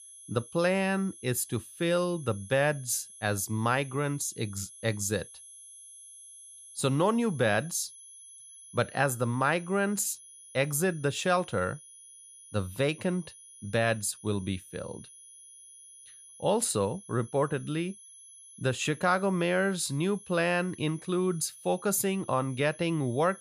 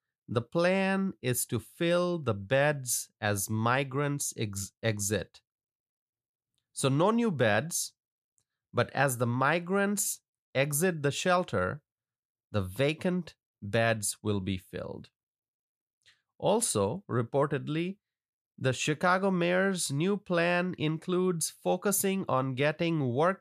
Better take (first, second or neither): second